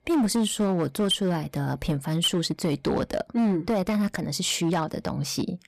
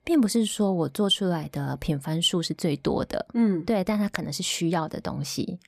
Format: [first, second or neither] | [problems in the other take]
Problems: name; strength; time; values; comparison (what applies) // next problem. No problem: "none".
second | distortion; slight; 11% of the sound clipped